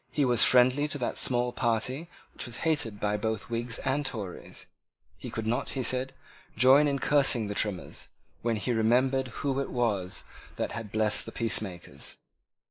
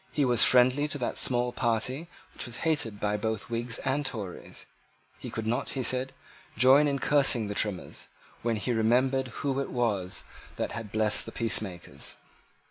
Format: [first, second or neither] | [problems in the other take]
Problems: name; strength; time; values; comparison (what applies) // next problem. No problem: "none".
second | noise reduction (neural mask model Resemble Enhance denoiser)